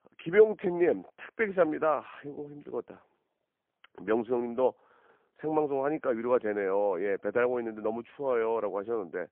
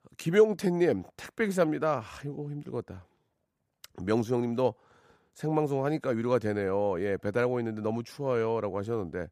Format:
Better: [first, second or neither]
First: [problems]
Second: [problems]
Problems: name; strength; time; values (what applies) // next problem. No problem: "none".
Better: second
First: phone-call audio; poor line; nothing above 3 kHz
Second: none